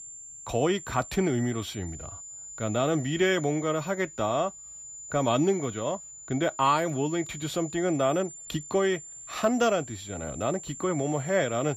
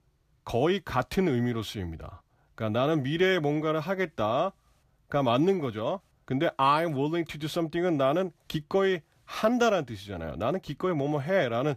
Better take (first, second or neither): second